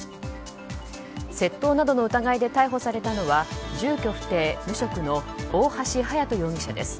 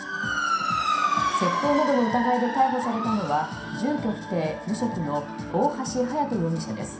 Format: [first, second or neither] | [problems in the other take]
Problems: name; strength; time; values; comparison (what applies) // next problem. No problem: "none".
first | background sound (Motor vehicle (road) / Siren); 4 dB below the speech // room echo; dies away in 0.5 s